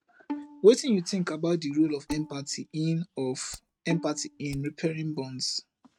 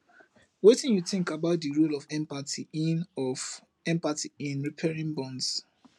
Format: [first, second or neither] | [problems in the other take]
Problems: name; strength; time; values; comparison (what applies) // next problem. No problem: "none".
second | noise reduction (neural mask model RNNoise)